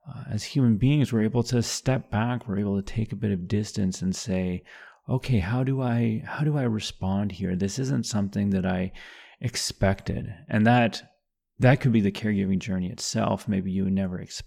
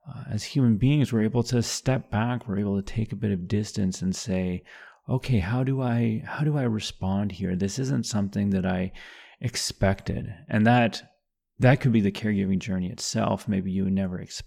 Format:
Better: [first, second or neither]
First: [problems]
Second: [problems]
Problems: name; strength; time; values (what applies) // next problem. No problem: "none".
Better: neither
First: none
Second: none